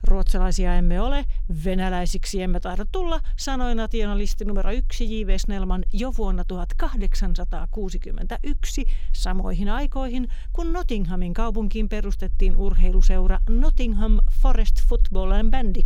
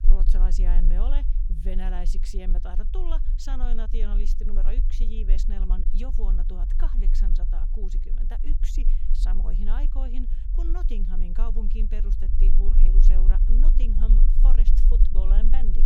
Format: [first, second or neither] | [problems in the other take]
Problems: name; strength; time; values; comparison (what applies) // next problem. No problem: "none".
first | low rumble; loud; throughout; 7 dB below the speech; faint in the first